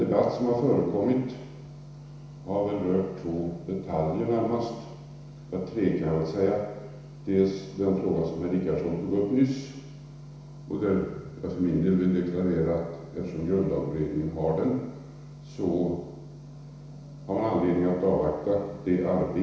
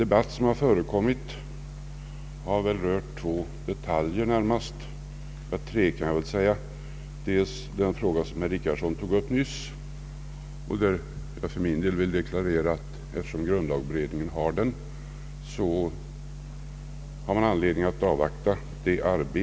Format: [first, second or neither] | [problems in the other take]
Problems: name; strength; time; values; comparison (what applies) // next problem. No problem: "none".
second | room echo; dies away in 1 s